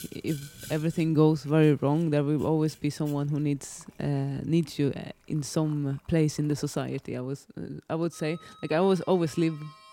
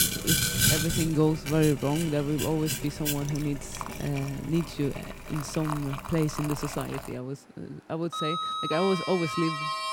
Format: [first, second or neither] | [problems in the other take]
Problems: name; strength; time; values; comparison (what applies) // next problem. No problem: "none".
first | household noises; loud; throughout; 1 dB below the speech; faint in the first